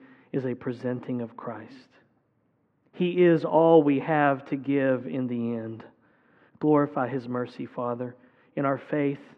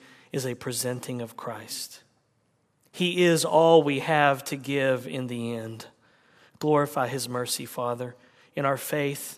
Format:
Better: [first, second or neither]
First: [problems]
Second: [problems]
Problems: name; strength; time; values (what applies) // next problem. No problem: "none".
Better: second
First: muffled; very; fading above 2 kHz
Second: none